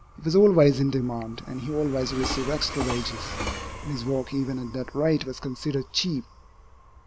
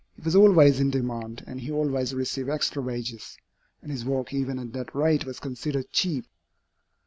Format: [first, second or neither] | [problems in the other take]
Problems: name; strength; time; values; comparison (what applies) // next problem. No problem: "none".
second | background sound (Train); 11 dB below the speech